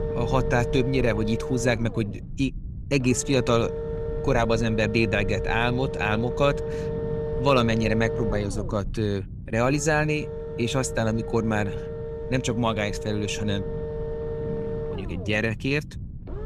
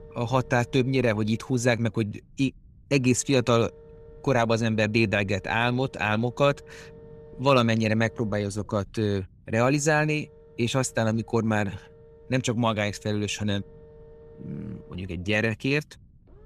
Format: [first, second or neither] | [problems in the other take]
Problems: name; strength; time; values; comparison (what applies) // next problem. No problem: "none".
second | low rumble; loud; throughout; 7 dB below the speech; faint in the second